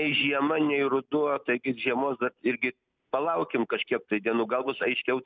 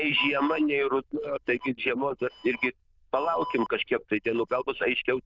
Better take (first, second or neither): first